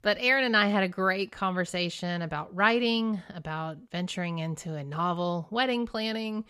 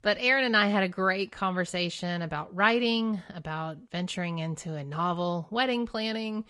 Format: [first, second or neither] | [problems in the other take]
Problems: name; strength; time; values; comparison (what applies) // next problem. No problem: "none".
first | garbled, watery; slightly; nothing above 10.5 kHz